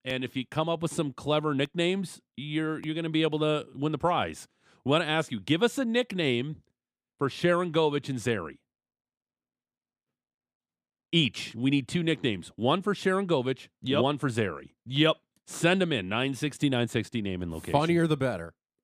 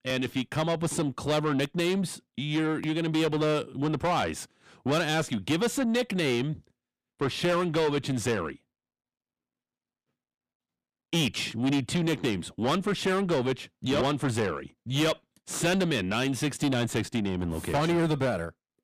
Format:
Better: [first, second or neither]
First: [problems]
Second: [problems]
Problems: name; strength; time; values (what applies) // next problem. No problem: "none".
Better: first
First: none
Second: distortion; heavy; 7 dB below the speech